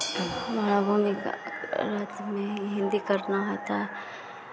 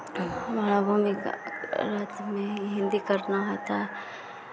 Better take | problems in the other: second | background sound (Hi-hat); 14 dB below the speech

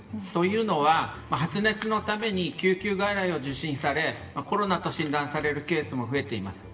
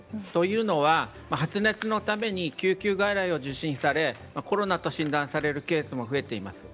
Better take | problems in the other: second | room echo; dies away in 0.9 s

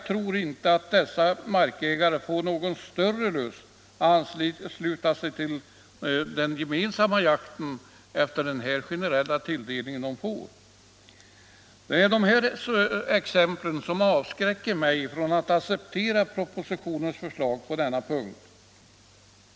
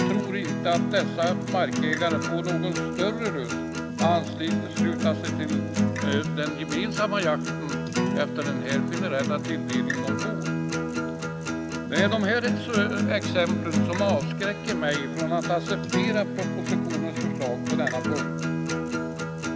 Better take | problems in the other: first | background sound (Acoustic guitar); 2 dB above the speech

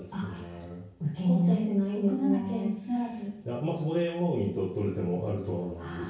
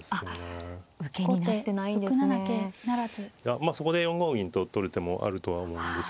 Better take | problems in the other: second | room echo; dies away in 0.6 s

